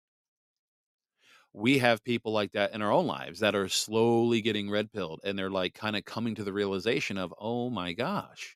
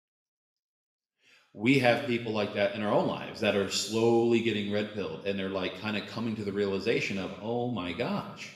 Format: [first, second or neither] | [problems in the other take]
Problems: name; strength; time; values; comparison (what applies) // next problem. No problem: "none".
first | room echo; slight; dies away in 0.9 s // off-mic speech; somewhat distant